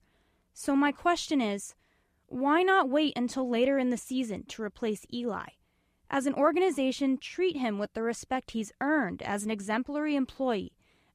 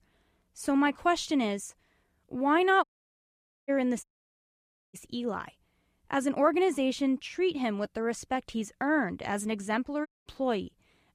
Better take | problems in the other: first | audio cutting out; at 3 s for 1 s, at 4 s for 1 s and at 10 s

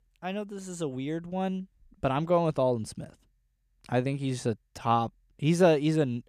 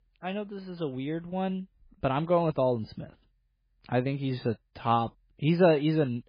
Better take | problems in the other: first | garbled, watery; badly

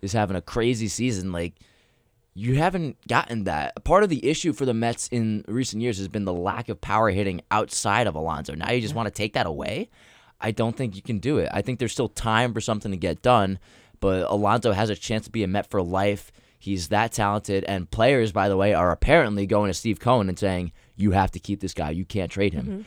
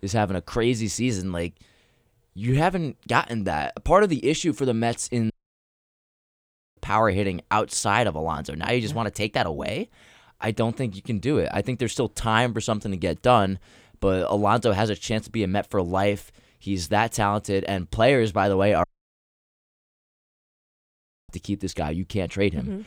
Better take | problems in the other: first | audio cutting out; at 5.5 s for 1.5 s and at 19 s for 2.5 s

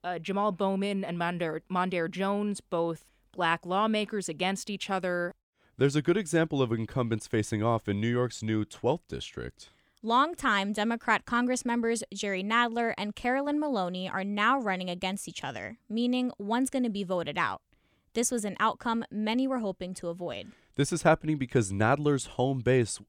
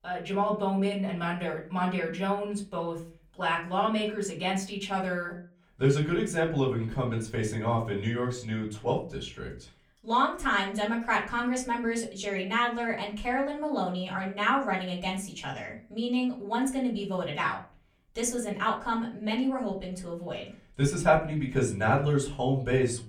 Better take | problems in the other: first | off-mic speech; far // room echo; very slight; dies away in 0.3 s

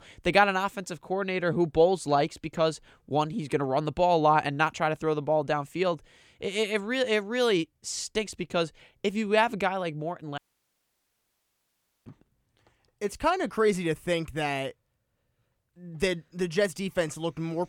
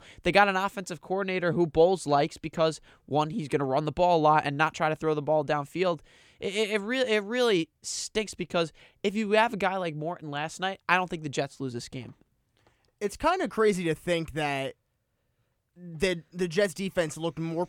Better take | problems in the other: second | audio cutting out; at 10 s for 1.5 s

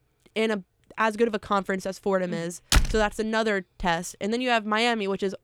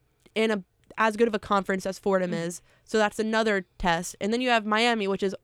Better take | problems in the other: second | door banging; loud; at 2.5 s; peak 2 dB above the speech

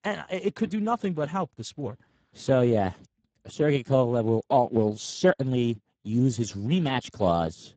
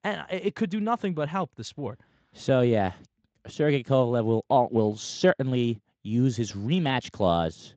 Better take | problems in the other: second | garbled, watery; badly; nothing above 7.5 kHz; slightly in the second

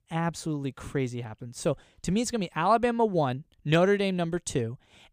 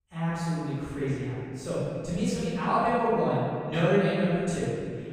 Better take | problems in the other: first | off-mic speech; far // room echo; strong; dies away in 2.1 s

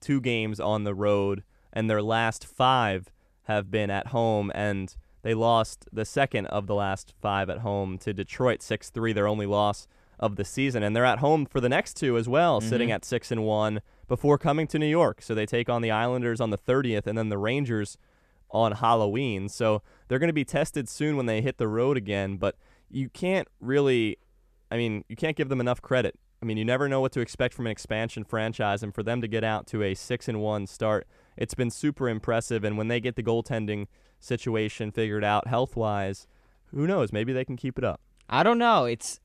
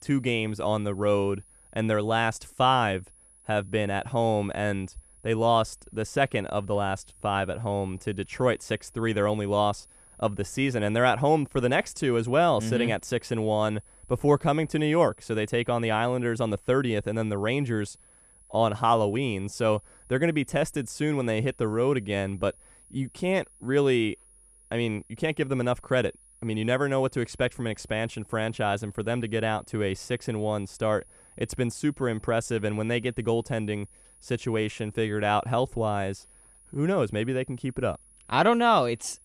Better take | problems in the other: first | high-pitched whine; faint; throughout; 10.5 kHz, 25 dB below the speech

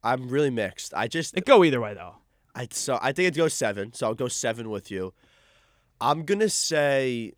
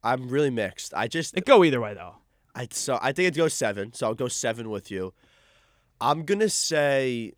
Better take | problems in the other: neither | none

